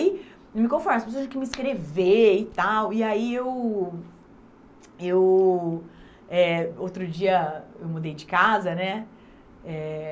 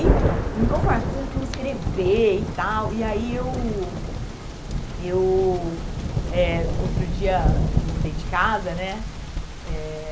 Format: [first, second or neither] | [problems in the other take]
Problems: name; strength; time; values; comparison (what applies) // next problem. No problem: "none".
first | background sound (Thunder); 1 dB above the speech